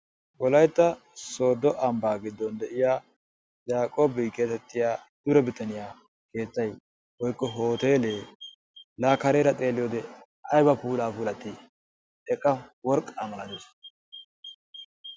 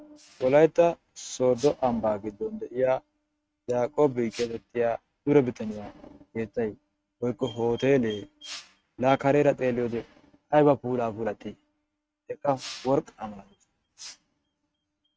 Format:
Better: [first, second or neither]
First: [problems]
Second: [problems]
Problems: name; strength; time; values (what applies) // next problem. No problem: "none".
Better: first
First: none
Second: noise reduction (neural mask model RNNoise)